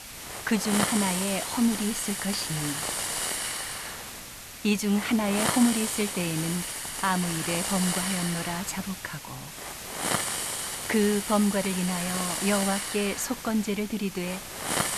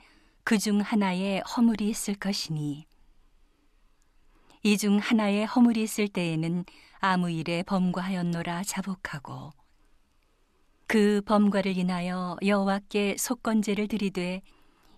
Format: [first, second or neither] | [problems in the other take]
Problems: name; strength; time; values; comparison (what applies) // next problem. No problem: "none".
second | hiss; loud; throughout; 2 dB below the speech